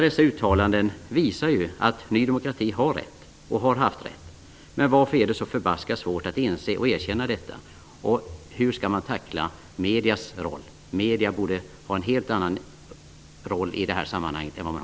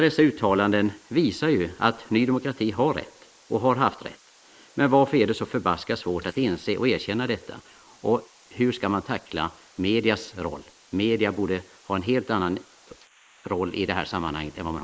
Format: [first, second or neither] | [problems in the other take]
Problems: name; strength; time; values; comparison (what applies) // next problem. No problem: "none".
first | noise reduction (neural mask model Resemble Enhance denoiser)